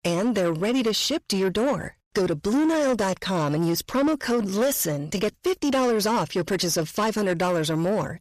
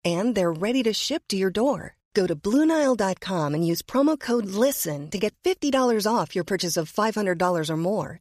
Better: second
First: distortion; slight; 10 dB below the speech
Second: none

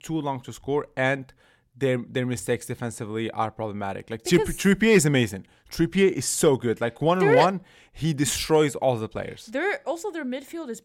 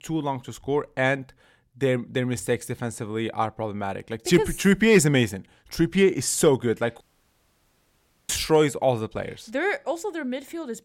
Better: first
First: none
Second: audio cutting out; at 7 s for 1.5 s

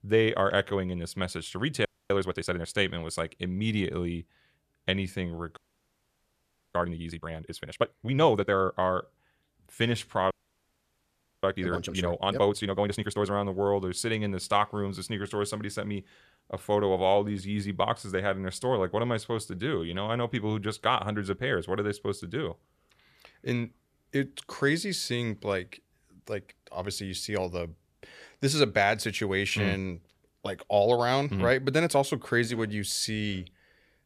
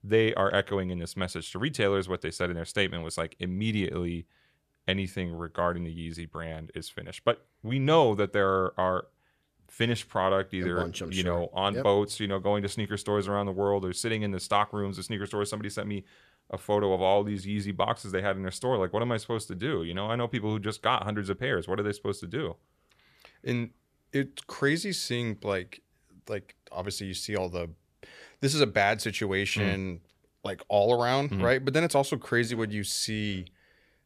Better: second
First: audio freezing; at 2 s, at 5.5 s for 1 s and at 10 s for 1 s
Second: none

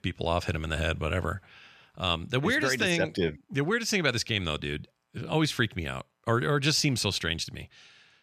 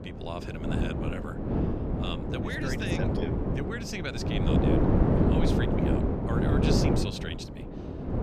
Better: first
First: none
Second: wind noise on the microphone; heavy; 4 dB above the speech

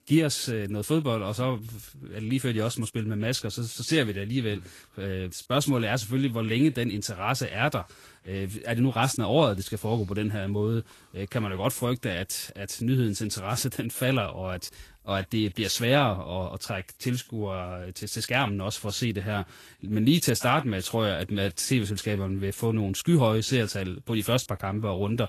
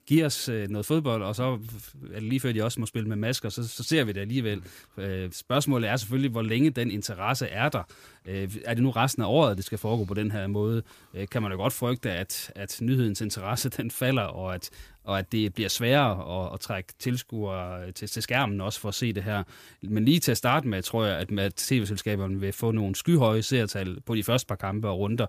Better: second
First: garbled, watery; slightly; nothing above 12.5 kHz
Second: none

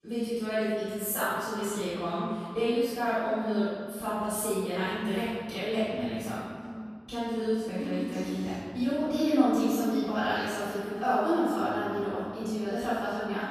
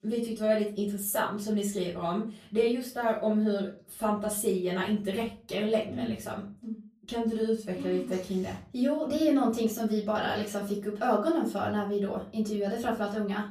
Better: second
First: room echo; strong; dies away in 2.1 s // off-mic speech; far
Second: room echo; slight; dies away in 0.4 s // off-mic speech; far

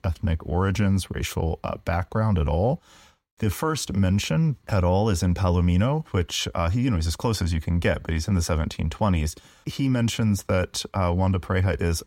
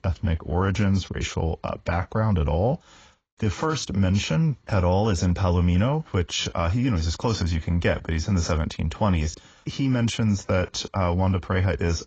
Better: first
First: none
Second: garbled, watery; badly

